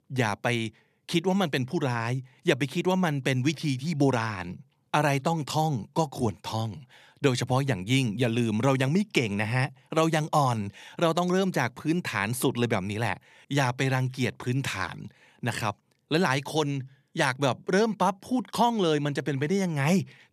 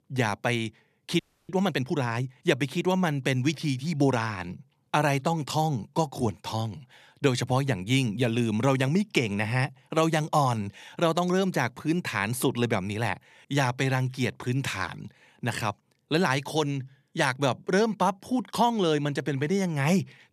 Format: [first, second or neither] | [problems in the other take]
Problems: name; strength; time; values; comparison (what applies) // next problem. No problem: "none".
first | audio freezing; at 1 s